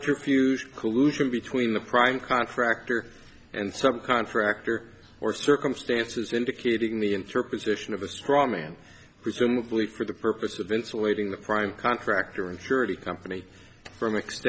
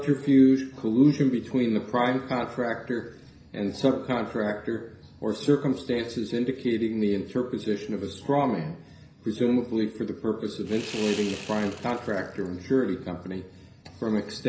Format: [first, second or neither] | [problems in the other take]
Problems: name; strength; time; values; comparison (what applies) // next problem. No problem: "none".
first | background sound (Sawing); 14 dB below the speech // room echo; dies away in 0.5 s